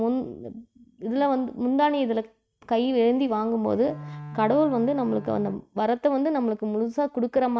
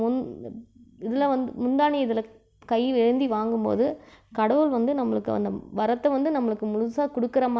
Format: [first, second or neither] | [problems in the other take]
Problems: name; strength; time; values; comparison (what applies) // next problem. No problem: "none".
second | noise reduction (neural mask model RNNoise)